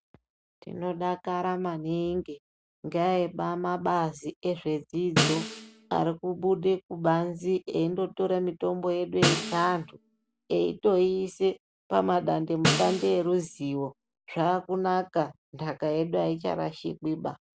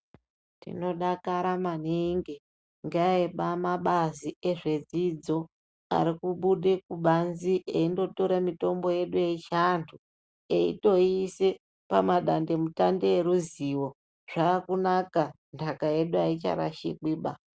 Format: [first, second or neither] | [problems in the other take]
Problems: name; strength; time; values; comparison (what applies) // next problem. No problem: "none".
second | background sound (Snare drum); 3 dB below the speech